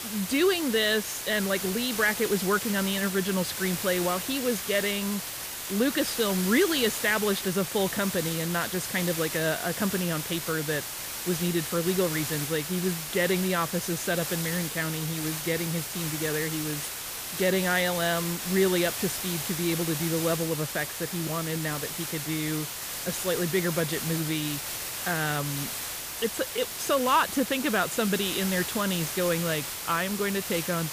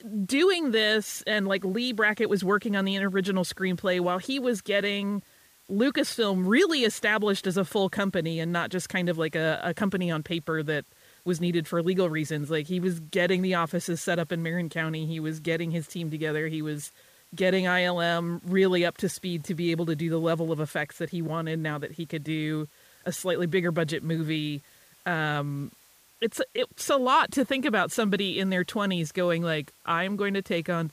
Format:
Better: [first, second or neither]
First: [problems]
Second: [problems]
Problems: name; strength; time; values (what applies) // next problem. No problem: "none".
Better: second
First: hiss; loud; throughout; 4 dB below the speech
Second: hiss; faint; throughout; 30 dB below the speech